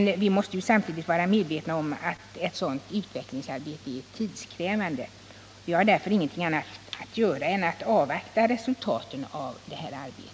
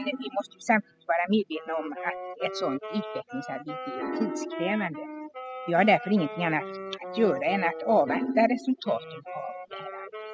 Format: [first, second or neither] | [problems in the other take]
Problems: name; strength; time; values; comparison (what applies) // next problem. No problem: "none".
first | noise reduction (classical method spectral subtraction)